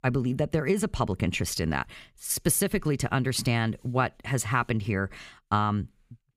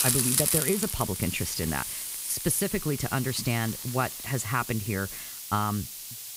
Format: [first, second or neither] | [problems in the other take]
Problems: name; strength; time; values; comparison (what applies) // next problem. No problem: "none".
first | hiss; loud; throughout; 1 dB below the speech